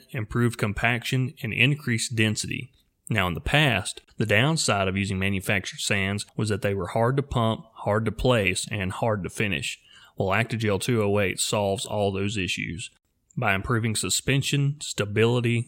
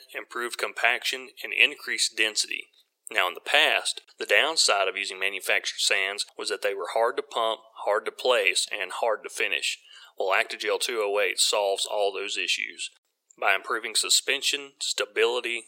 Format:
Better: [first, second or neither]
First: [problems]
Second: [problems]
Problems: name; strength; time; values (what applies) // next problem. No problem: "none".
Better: first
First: none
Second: thin; very; fading below 400 Hz